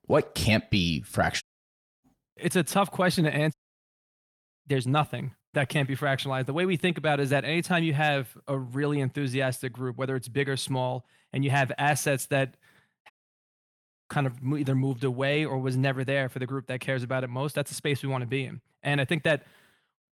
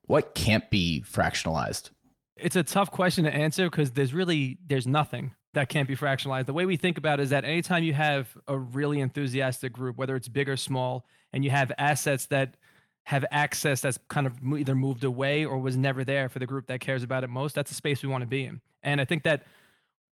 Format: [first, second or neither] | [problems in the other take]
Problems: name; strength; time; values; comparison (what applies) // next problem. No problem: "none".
second | audio cutting out; at 1.5 s for 0.5 s, at 3.5 s for 1 s and at 13 s for 1 s